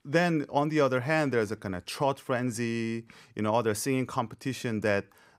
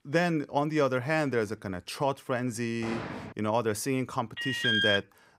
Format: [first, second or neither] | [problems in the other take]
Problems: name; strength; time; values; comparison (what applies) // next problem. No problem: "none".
first | door banging; noticeable; at 3 s; peak 7 dB below the speech // alarm; loud; at 4.5 s; peak 5 dB above the speech